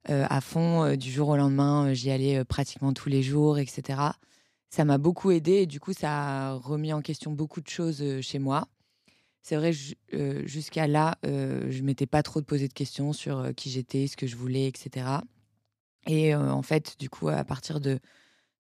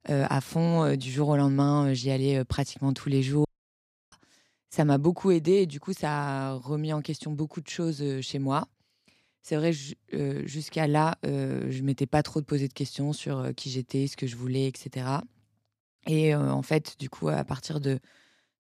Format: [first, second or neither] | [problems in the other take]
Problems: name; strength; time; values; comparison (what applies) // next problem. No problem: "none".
first | audio cutting out; at 3.5 s for 0.5 s